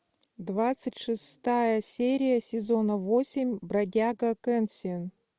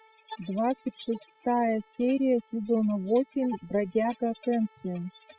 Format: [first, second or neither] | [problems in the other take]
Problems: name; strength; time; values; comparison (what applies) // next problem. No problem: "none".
first | noise reduction (classical method spectral subtraction)